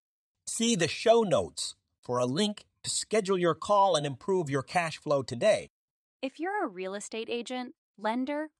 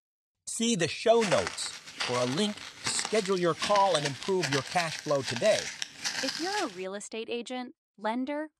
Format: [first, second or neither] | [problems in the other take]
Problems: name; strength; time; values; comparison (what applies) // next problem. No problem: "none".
first | footsteps; noticeable; from 1 to 6.5 s; peak 1 dB below the speech